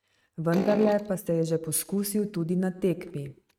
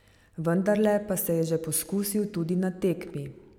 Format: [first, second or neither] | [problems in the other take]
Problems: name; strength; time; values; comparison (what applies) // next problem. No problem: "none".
second | noise reduction (neural mask model RNNoise)